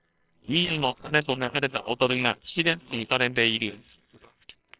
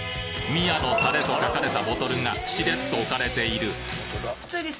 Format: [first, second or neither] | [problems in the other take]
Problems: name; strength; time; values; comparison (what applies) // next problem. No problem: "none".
second | noise reduction (neural separator model SepFormer WHAMR!)